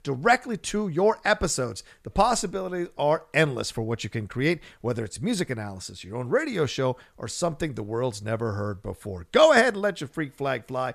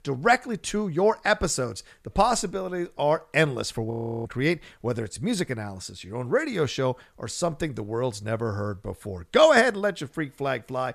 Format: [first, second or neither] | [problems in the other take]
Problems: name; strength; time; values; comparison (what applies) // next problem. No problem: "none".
first | audio freezing; at 4 s